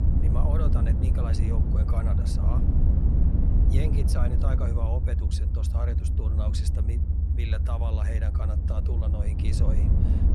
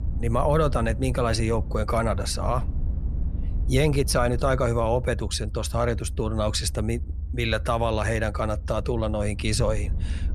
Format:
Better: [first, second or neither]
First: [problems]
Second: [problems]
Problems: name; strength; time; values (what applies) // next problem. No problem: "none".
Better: second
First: low rumble; loud; throughout; as loud as the speech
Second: low rumble; faint; throughout; 20 dB below the speech